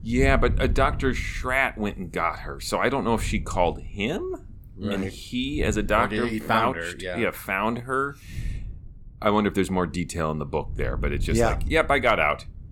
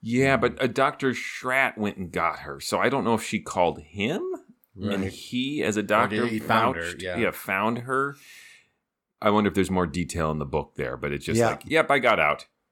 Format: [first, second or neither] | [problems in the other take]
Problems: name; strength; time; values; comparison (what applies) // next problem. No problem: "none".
second | wind noise on the microphone; occasional gusts; 25 dB below the speech